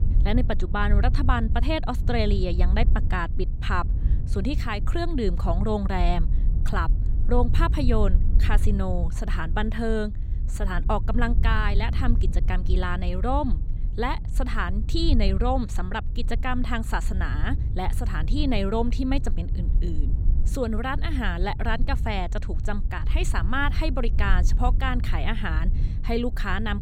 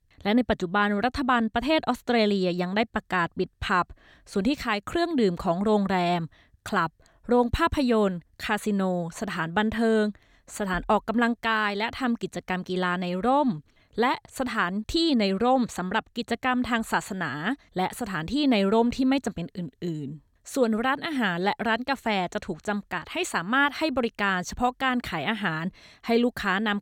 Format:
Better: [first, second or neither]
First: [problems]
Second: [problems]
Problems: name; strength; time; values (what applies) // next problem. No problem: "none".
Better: second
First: wind noise on the microphone; occasional gusts; 15 dB below the speech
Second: none